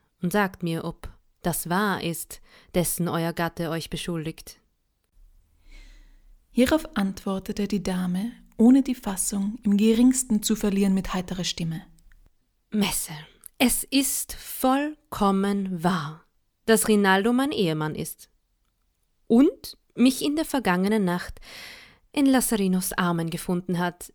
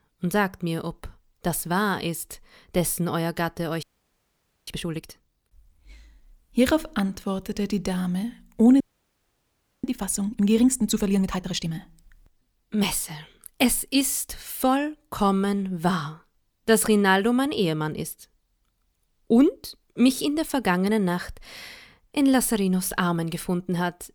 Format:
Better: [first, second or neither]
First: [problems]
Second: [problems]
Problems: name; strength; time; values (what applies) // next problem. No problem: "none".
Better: first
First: none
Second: audio freezing; at 4 s for 1 s and at 9 s for 1 s